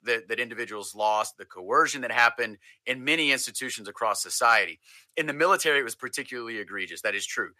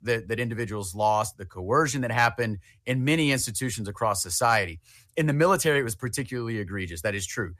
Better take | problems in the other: second | thin; somewhat; fading below 400 Hz

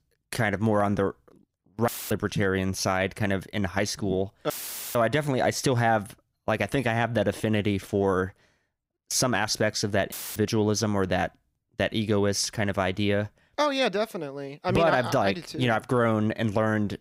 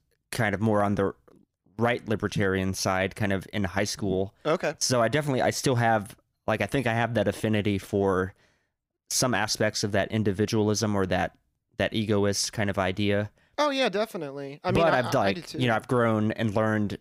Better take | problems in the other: second | audio cutting out; filled with static; at 2 s, at 4.5 s and at 10 s

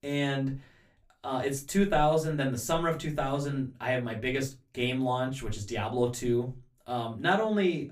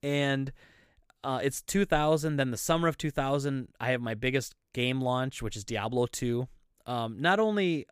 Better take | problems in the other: second | off-mic speech; far // room echo; very slight; dies away in 0.2 s

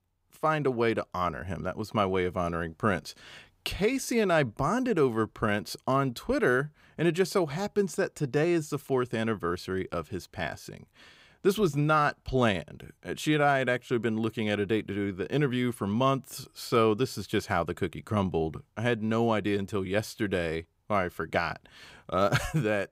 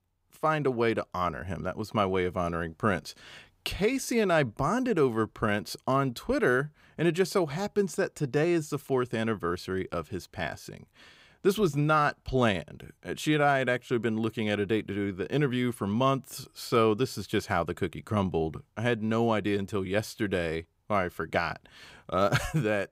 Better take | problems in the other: neither | none

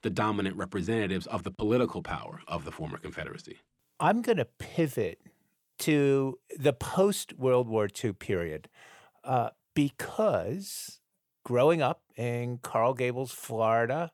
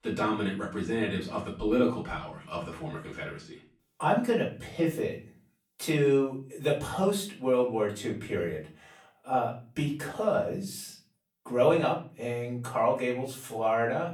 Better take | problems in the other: first | room echo; slight; dies away in 0.3 s // off-mic speech; far

